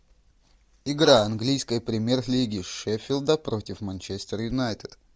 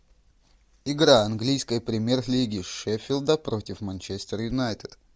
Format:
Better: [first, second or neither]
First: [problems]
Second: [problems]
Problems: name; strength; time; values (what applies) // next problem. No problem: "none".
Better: second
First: background sound (Dog); 11 dB below the speech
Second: none